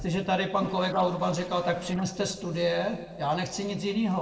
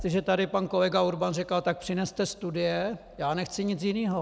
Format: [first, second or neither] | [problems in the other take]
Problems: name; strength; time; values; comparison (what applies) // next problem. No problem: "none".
second | noise reduction (neural separator model SepFormer DNS4)